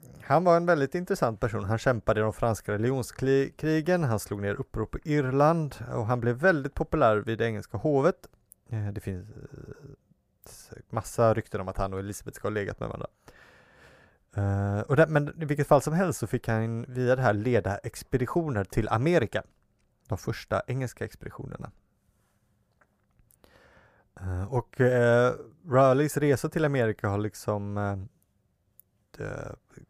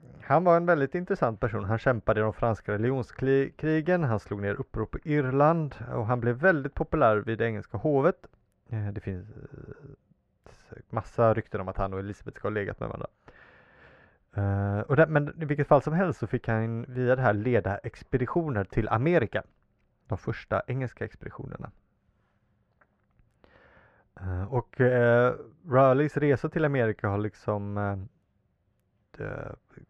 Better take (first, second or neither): first